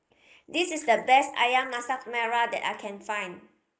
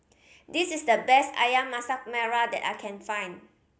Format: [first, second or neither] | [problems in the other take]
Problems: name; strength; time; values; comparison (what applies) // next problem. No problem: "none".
second | noise reduction (neural mask model Resemble Enhance denoiser)